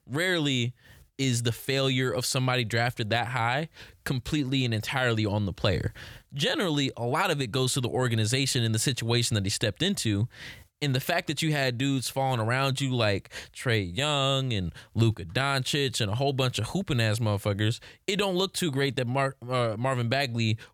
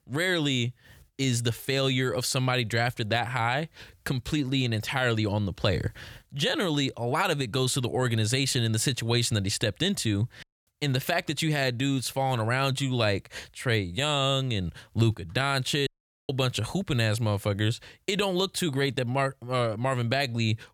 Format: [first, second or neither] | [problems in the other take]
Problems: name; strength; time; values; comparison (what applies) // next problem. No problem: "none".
first | audio cutting out; at 10 s and at 16 s